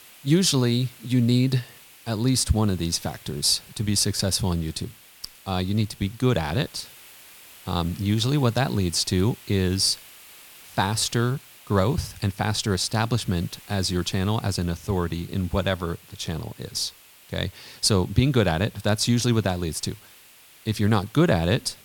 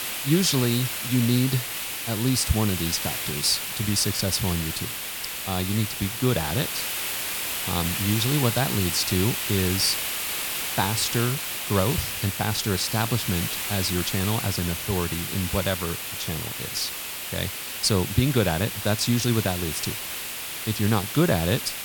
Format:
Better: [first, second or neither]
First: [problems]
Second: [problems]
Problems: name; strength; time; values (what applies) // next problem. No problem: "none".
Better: first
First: hiss; faint; throughout; 20 dB below the speech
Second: hiss; loud; throughout; 2 dB below the speech